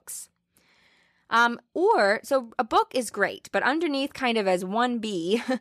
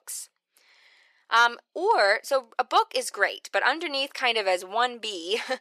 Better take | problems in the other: first | thin; very; fading below 450 Hz

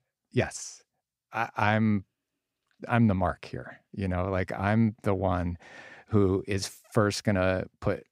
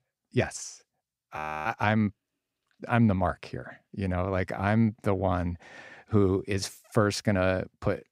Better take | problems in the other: first | audio freezing; at 1.5 s

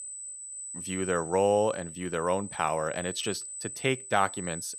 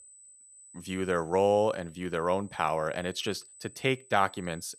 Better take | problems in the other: second | high-pitched whine; loud; throughout; 8 kHz, 9 dB below the speech; faint in the second

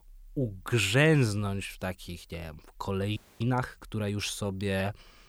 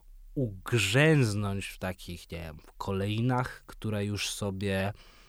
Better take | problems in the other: second | audio freezing; at 3 s

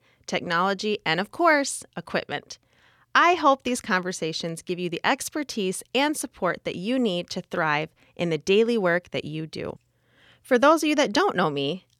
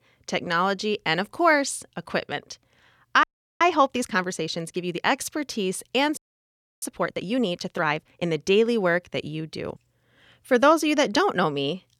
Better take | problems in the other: first | audio freezing; at 3 s and at 6 s for 0.5 s

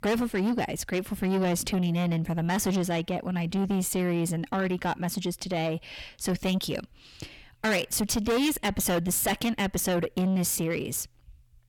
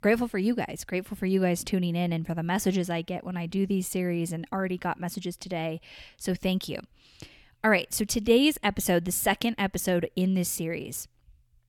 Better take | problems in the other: second | distortion; heavy; 7 dB below the speech

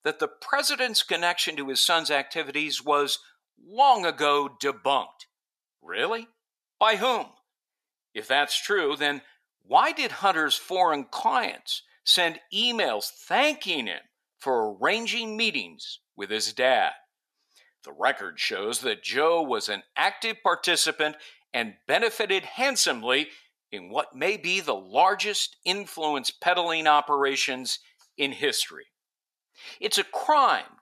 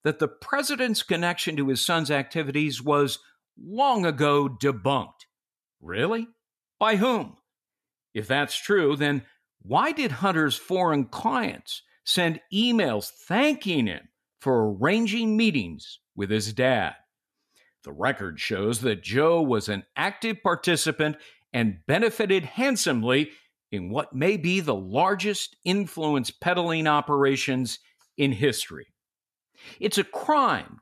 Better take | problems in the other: second | thin; somewhat; fading below 500 Hz

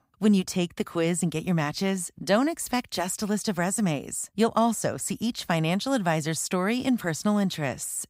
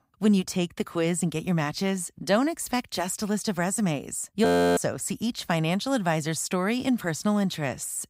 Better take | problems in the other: first | audio freezing; at 4.5 s

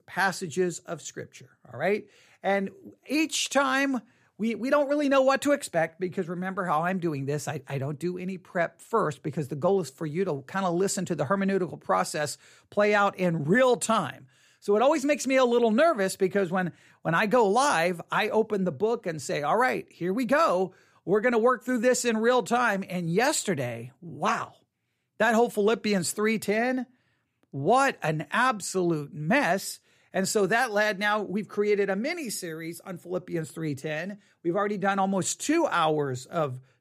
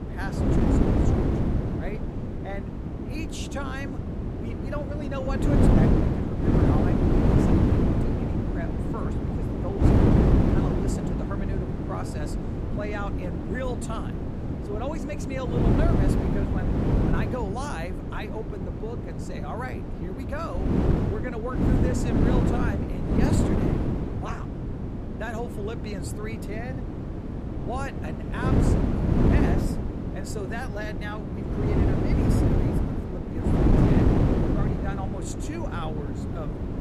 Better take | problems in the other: first | wind noise on the microphone; heavy; 4 dB above the speech

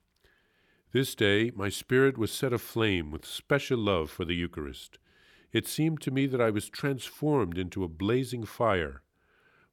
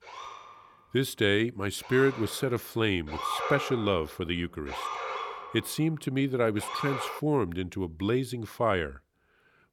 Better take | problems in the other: first | siren; noticeable; until 7 s; peak 2 dB below the speech

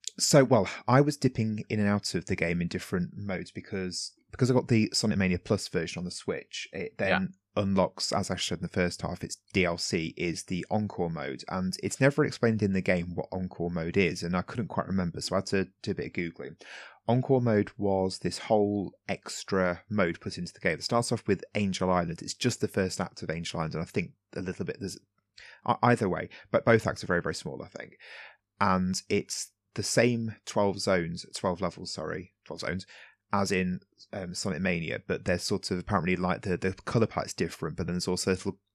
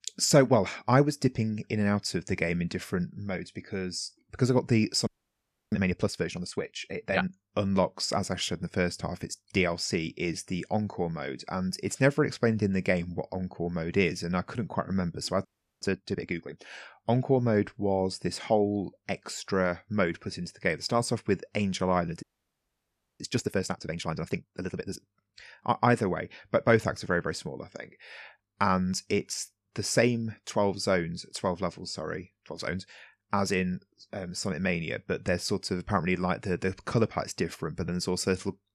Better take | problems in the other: first | audio freezing; at 5 s for 0.5 s, at 15 s and at 22 s for 1 s

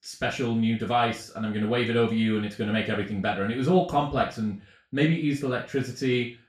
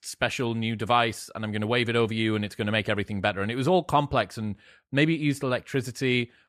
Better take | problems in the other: second | room echo; slight; dies away in 0.3 s // off-mic speech; far

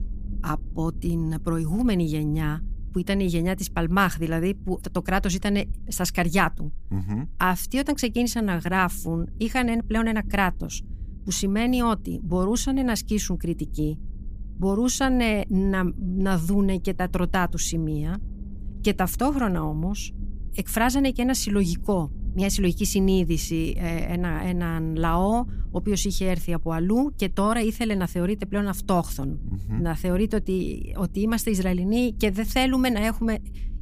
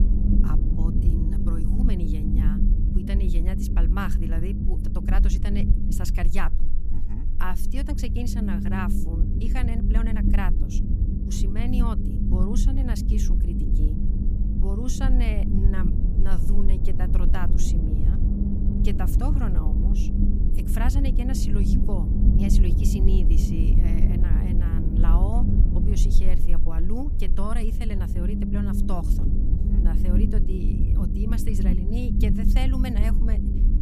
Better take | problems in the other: first | low rumble; loud; throughout; 1 dB below the speech; faint in the first

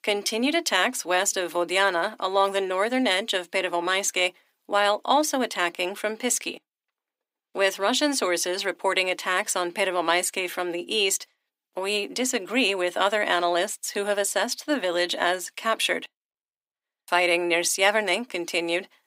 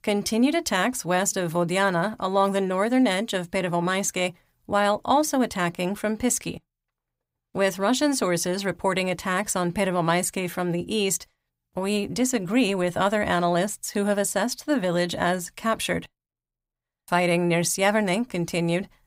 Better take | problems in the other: second | thin; somewhat; fading below 300 Hz

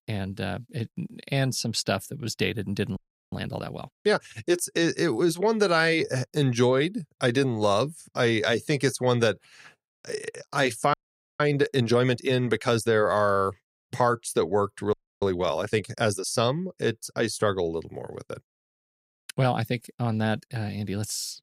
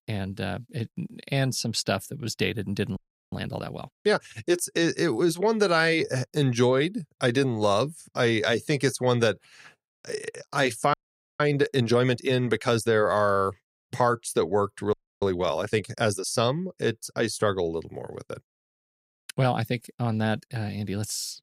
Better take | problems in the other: neither | audio freezing; at 3 s, at 11 s and at 15 s; the same in both

